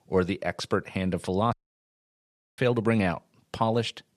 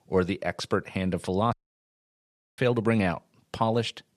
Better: neither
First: audio cutting out; at 1.5 s for 1 s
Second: audio cutting out; at 1.5 s for 1 s

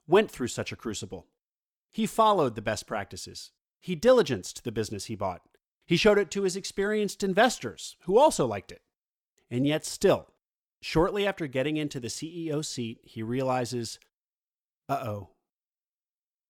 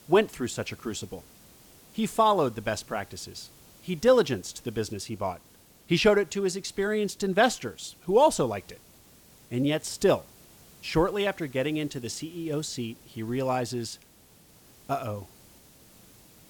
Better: first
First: none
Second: hiss; faint; throughout; 25 dB below the speech

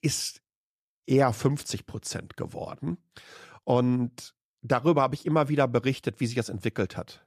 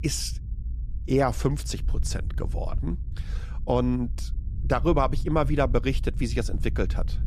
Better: first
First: none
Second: low rumble; faint; throughout; 20 dB below the speech

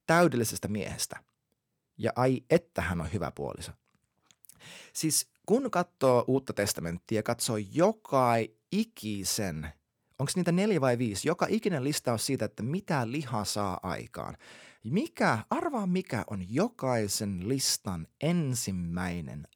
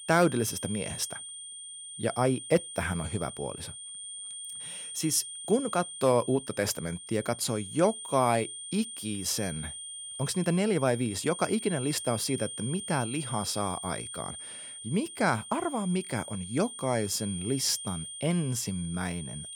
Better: first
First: none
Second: high-pitched whine; loud; throughout; 9 kHz, 9 dB below the speech

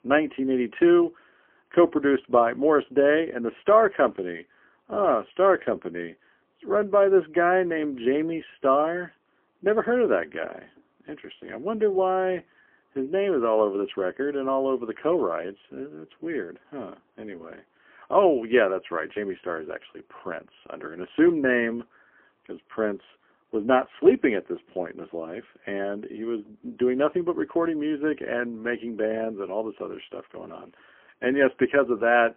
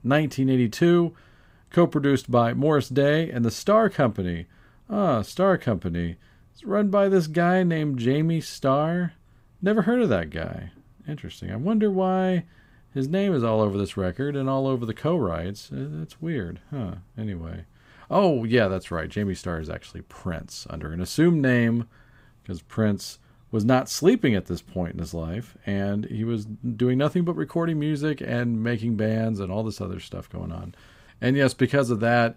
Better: second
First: phone-call audio; poor line; nothing above 3 kHz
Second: none

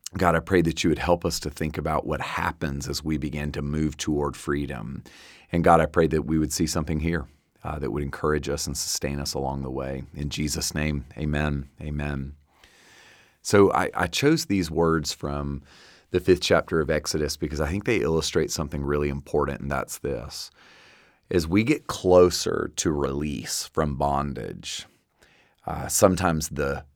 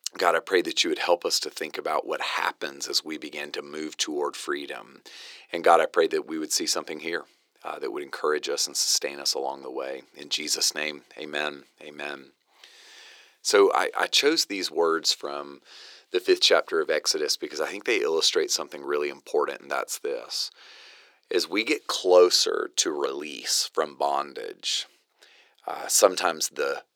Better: first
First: none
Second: thin; very; fading below 400 Hz

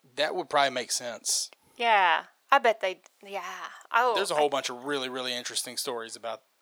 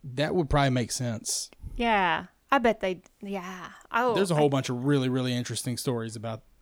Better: second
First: thin; very; fading below 650 Hz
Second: none

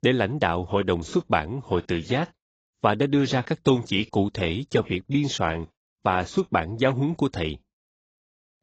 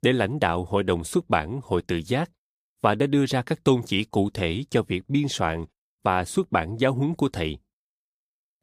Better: second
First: garbled, watery; badly; nothing above 7.5 kHz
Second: none

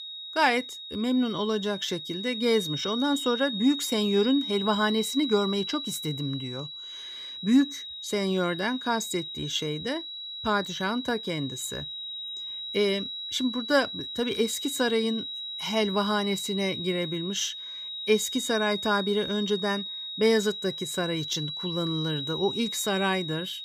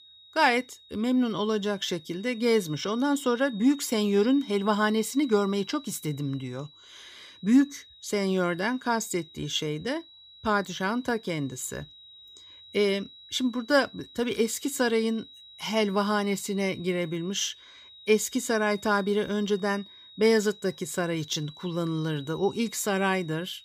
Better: second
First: high-pitched whine; loud; throughout; 4 kHz, 6 dB below the speech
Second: high-pitched whine; faint; throughout; 4 kHz, 20 dB below the speech

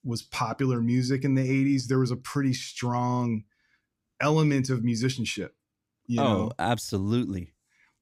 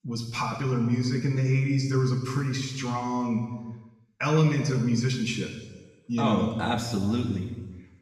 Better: first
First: none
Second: room echo; noticeable; dies away in 1.2 s // off-mic speech; far

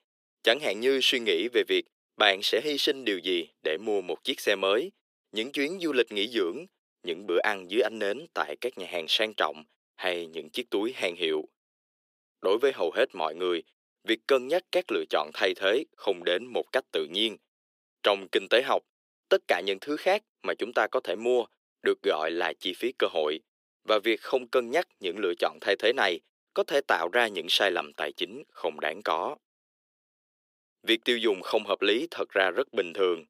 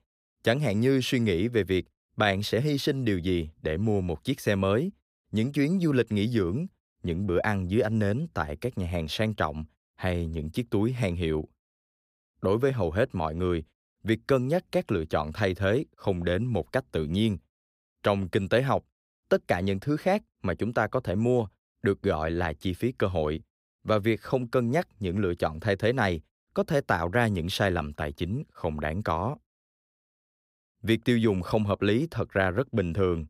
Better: second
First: thin; very; fading below 350 Hz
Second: none

